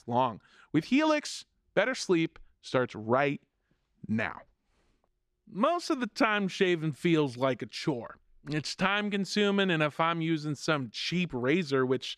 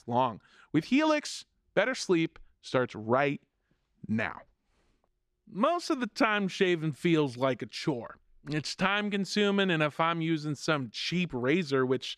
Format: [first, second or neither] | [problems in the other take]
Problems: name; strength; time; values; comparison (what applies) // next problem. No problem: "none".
neither | none